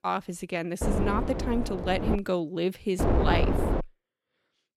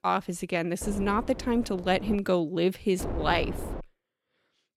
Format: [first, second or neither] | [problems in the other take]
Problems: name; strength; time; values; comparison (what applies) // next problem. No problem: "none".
second | wind noise on the microphone; heavy; from 1 to 2 s and at 3 s; 2 dB below the speech; occasional gusts in the second